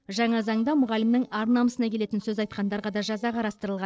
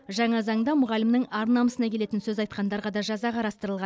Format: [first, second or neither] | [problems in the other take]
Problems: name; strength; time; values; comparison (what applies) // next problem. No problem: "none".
second | noise reduction (neural separator model SepFormer DNS4)